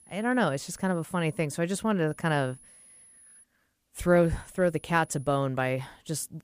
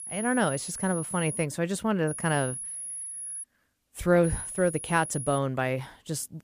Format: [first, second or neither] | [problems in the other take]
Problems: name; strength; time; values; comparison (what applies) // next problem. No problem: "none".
first | high-pitched whine; loud; until 1.5 s, from 2 to 3.5 s and from 4 to 5.5 s; 10.5 kHz, 7 dB below the speech; faint in the first